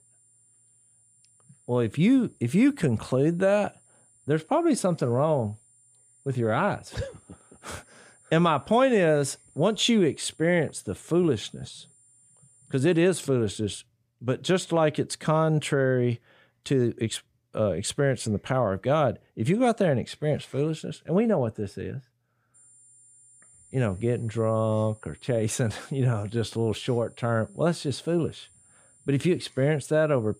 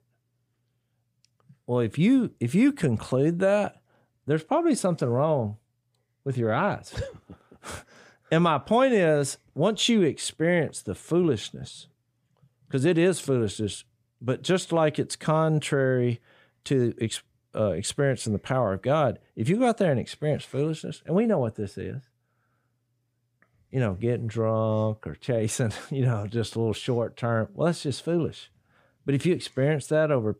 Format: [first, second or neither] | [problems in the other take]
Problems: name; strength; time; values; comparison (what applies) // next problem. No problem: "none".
second | high-pitched whine; faint; until 13 s and from 23 s on; 9.5 kHz, 30 dB below the speech